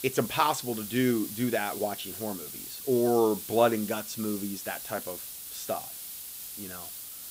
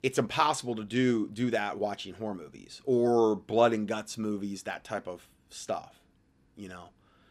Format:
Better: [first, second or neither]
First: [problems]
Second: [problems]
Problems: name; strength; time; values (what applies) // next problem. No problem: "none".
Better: second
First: hiss; loud; throughout; 9 dB below the speech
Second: none